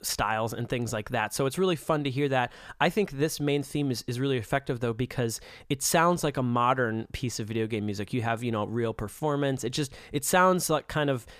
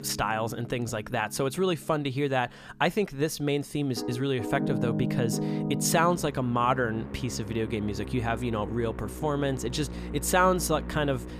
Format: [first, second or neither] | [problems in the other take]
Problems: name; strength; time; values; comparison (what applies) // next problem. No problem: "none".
first | background music; loud; throughout; 7 dB below the speech